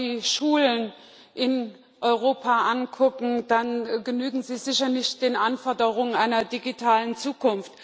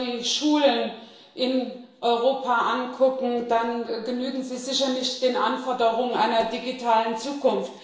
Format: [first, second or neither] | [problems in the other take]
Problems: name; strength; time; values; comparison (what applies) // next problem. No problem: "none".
first | room echo; dies away in 0.7 s